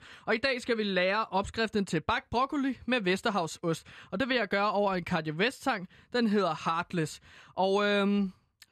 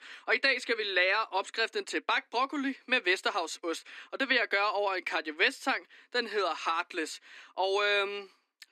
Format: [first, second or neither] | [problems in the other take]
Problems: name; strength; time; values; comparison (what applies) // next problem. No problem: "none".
first | thin; somewhat; fading below 250 Hz